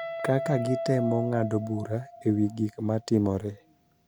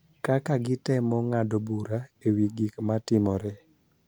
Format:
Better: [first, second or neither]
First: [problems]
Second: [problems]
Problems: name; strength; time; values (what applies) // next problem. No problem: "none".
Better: second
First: background sound (Guitar); 9 dB below the speech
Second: none